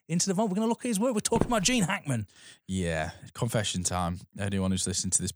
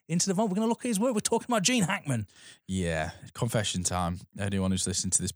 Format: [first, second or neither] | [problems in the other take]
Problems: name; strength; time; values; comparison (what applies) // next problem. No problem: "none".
second | footsteps; noticeable; at 1.5 s; peak 5 dB below the speech